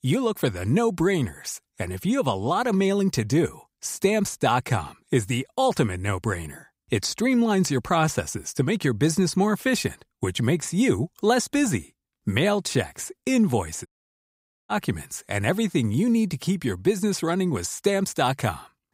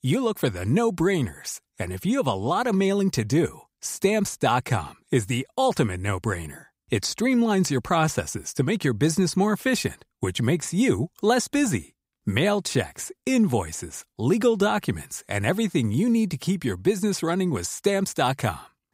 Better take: second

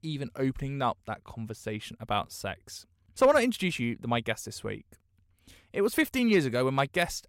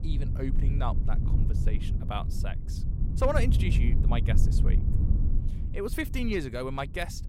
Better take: first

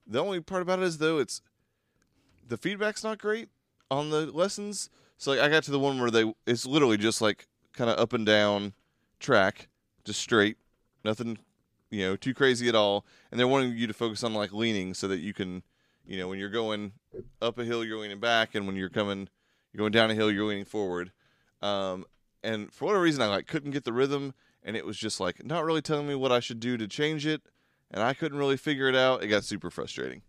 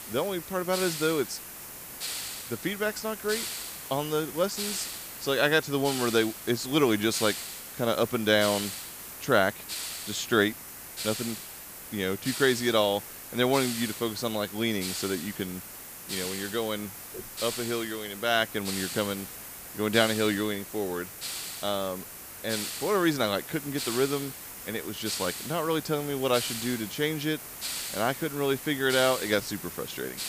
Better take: first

